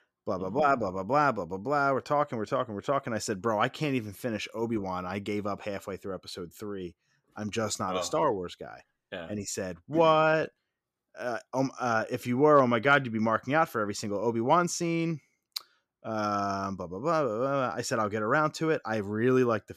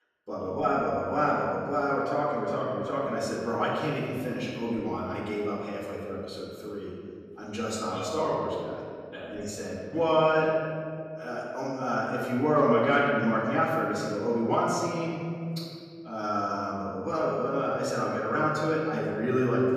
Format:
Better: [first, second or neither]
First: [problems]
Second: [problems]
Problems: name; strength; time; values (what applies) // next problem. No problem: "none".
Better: first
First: none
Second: off-mic speech; far // room echo; strong; dies away in 2.1 s